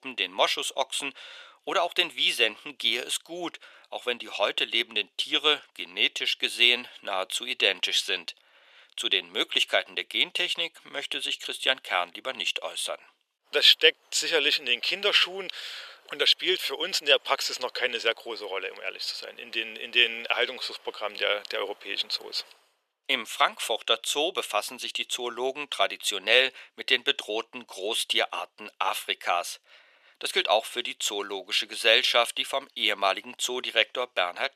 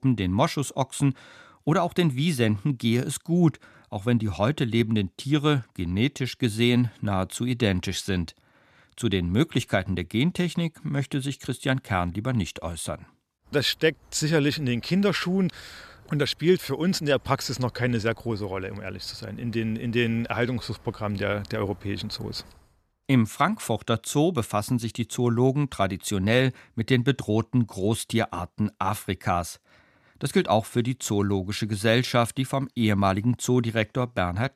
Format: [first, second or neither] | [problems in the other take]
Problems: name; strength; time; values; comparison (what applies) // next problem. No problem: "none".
second | thin; very; fading below 450 Hz